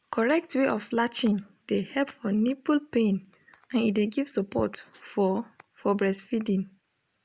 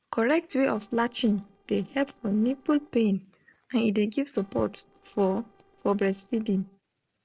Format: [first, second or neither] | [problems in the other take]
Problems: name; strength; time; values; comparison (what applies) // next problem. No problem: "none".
first | noise reduction (neural separator model SepFormer DNS4)